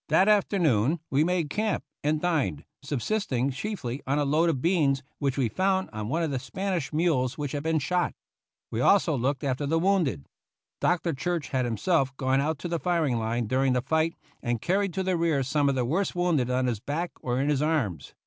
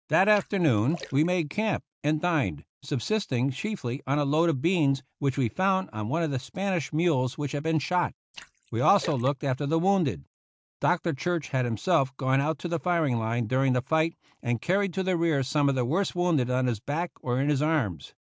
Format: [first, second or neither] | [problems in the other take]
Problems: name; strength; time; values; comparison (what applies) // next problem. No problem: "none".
first | noise reduction (neural mask model DeepFilterNet 3)